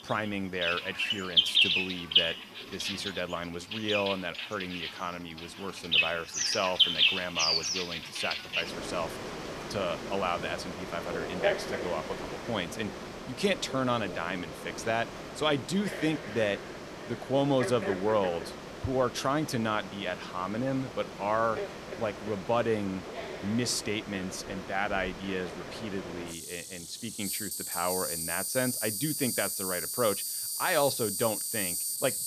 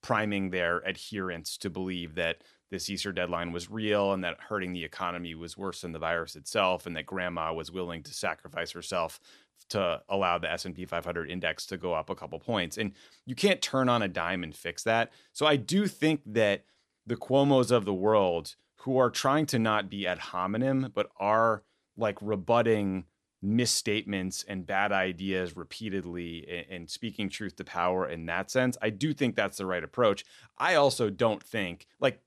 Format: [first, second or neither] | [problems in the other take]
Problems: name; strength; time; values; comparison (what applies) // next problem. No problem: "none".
second | animal sounds; very loud; throughout; 1 dB above the speech